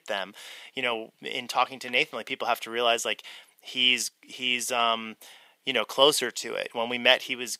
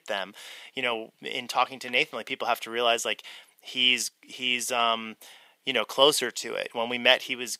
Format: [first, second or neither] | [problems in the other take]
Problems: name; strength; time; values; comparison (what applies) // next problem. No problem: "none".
neither | thin; somewhat; fading below 550 Hz; the same in both